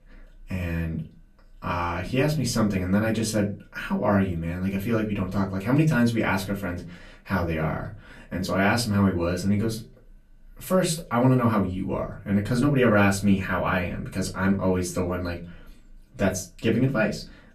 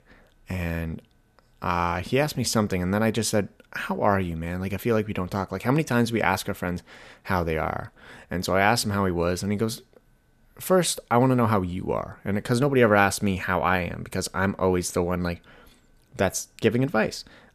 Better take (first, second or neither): second